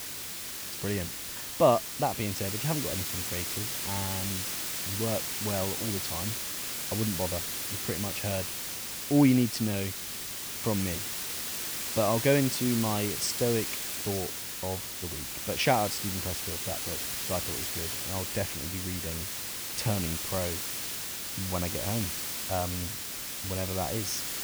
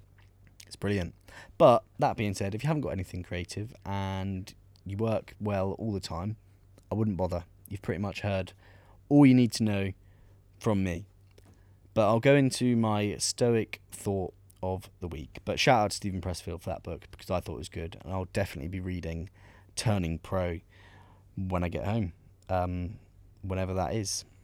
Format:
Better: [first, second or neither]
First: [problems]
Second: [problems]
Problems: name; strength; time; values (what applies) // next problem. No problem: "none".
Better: second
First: hiss; loud; throughout; 1 dB below the speech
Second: none